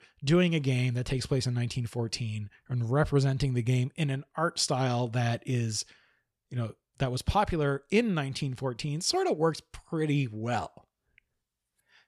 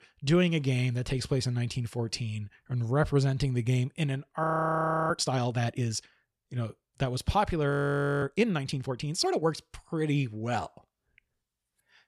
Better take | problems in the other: first | audio freezing; at 4.5 s for 0.5 s and at 7.5 s for 0.5 s

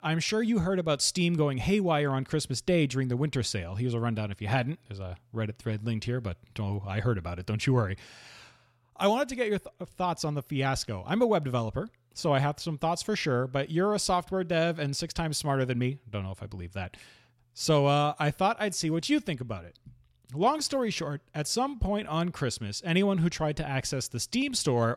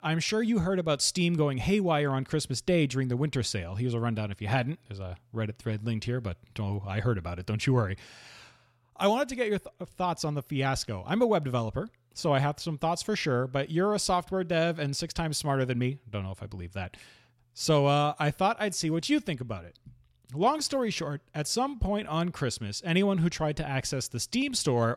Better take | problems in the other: neither | none

